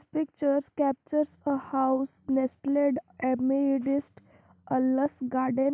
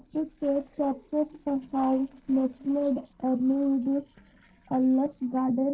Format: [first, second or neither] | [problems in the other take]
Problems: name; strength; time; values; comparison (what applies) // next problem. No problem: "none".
first | noise reduction (neural separator model SepFormer DNS4)